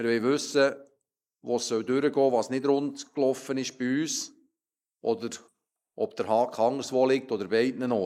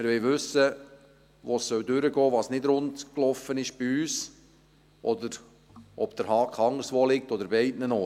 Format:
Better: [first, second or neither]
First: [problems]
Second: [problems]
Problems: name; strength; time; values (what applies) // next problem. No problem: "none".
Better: second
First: noise reduction (neural mask model Resemble Enhance denoiser)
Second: none